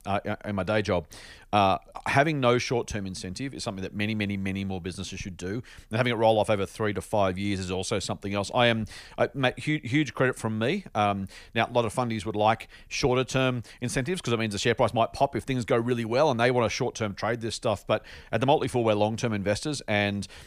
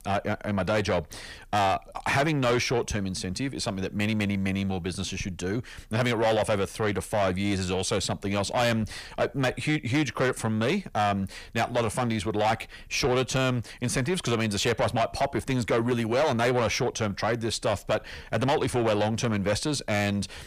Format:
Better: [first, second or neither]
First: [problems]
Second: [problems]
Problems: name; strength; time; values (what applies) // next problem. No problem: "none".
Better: first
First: none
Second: distortion; heavy; 8 dB below the speech